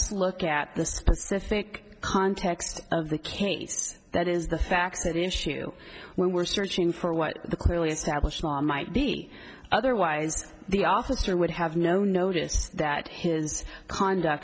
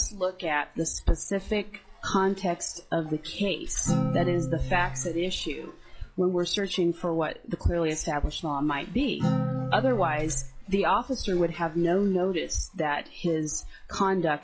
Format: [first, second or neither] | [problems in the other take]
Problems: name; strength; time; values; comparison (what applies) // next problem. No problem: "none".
first | noise reduction (classical method log-MMSE)